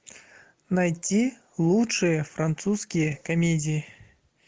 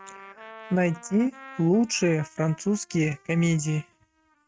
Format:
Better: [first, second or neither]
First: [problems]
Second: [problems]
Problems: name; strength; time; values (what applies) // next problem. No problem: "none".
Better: first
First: none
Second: noise reduction (neural mask model RNNoise)